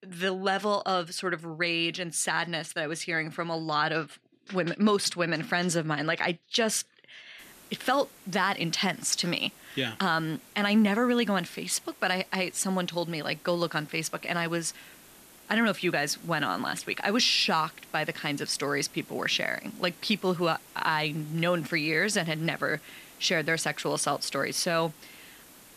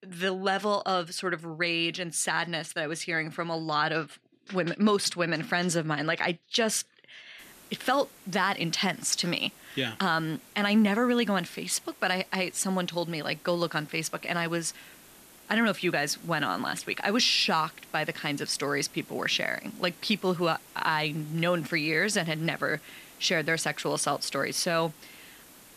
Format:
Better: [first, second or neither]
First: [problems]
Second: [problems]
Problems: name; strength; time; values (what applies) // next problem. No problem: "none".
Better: neither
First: hiss; faint; from 7.5 s on; 20 dB below the speech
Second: hiss; faint; from 7.5 s on; 20 dB below the speech